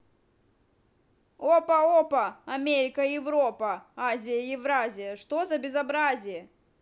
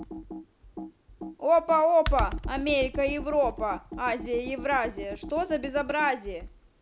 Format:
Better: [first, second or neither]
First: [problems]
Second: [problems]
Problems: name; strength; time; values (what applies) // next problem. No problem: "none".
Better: first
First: none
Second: background sound (Computer keyboard); 9 dB below the speech